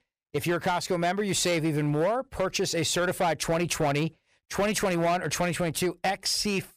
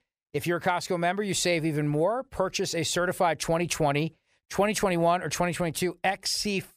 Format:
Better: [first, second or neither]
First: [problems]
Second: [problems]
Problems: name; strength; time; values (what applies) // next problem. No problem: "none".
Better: second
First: distortion; slight; 11% of the sound clipped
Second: none